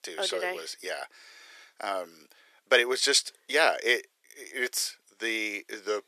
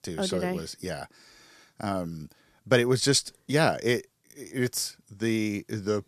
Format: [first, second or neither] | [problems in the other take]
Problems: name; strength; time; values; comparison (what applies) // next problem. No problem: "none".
second | thin; very; fading below 400 Hz